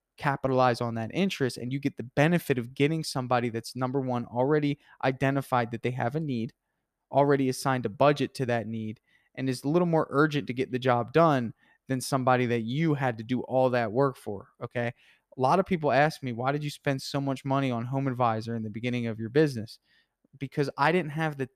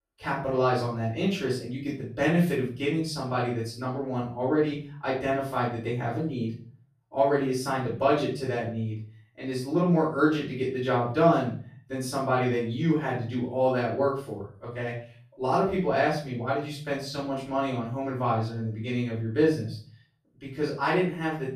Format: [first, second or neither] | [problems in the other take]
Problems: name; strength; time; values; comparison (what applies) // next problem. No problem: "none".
first | off-mic speech; far // room echo; noticeable; dies away in 0.4 s